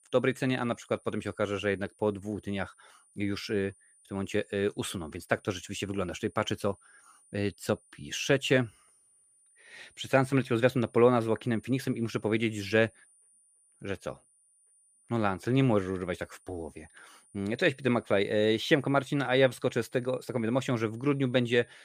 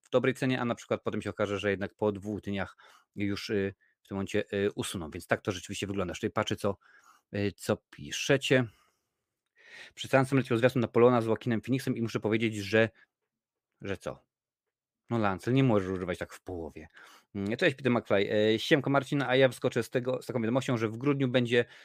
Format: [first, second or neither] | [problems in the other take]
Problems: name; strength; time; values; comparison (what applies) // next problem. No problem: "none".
second | high-pitched whine; faint; throughout; 9.5 kHz, 30 dB below the speech